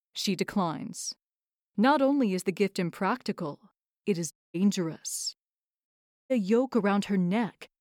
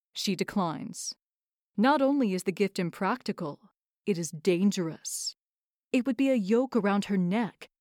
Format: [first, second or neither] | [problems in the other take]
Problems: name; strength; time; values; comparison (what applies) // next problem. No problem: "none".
second | audio cutting out; at 4.5 s and at 6 s